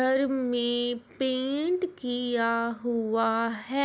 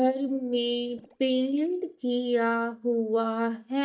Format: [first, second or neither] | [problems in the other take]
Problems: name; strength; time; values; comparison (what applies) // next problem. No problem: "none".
first | noise reduction (neural mask model DeepFilterNet 3)